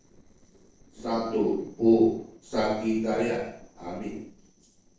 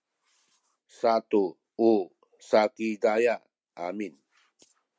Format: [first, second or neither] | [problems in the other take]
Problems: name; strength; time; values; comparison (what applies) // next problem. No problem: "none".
second | noise reduction (neural separator model SepFormer DNS4)